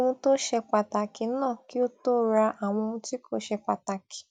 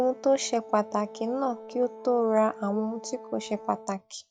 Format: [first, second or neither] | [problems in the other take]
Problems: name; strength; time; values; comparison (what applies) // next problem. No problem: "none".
first | background sound (Brass instrument); 17 dB below the speech